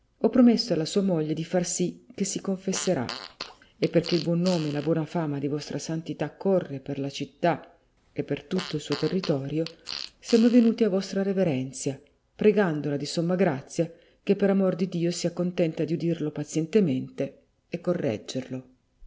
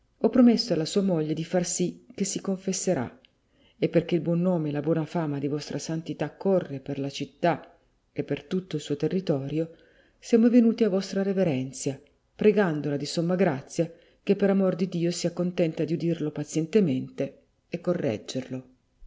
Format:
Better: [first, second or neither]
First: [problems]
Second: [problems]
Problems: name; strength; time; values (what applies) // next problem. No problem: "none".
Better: second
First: background sound (Fart); 15 dB below the speech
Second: none